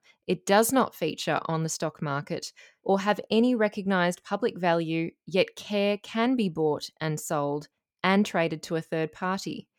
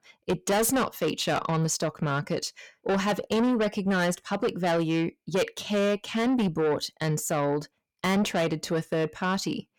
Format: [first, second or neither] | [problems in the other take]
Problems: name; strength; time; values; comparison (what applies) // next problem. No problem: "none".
first | distortion; heavy; 7 dB below the speech